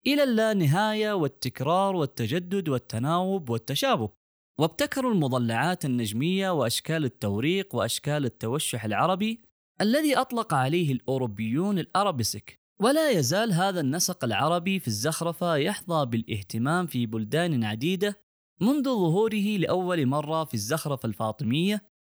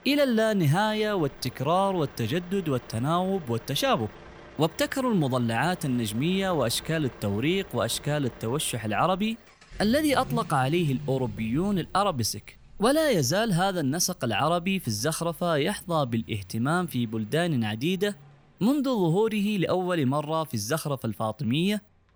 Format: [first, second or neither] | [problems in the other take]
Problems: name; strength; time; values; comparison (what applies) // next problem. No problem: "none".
first | traffic noise; noticeable; throughout; 20 dB below the speech